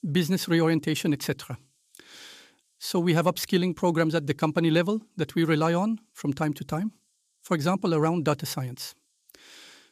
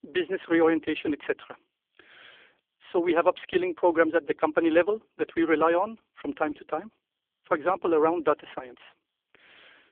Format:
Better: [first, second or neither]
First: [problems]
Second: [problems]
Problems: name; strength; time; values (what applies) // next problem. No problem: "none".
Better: first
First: none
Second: phone-call audio; poor line